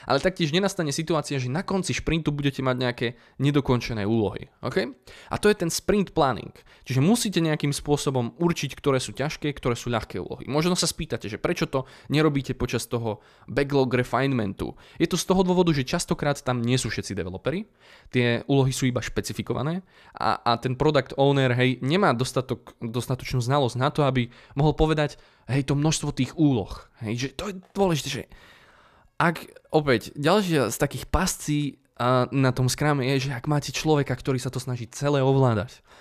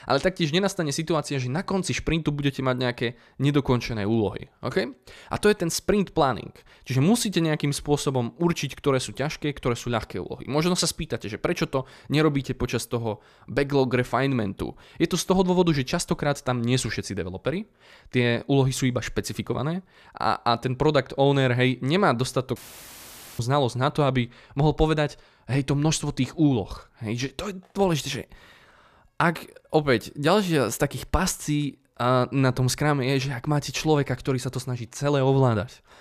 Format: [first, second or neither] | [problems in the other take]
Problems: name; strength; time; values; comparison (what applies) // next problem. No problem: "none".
first | audio cutting out; filled with static; at 23 s for 1 s